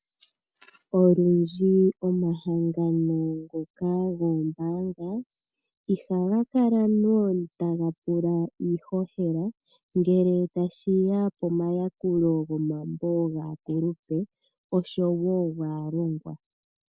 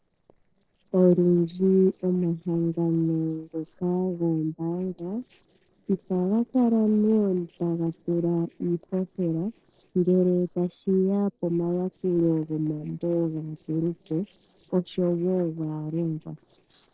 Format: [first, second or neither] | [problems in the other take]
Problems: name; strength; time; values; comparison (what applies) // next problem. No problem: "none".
first | noise reduction (neural separator model SepFormer DNS4)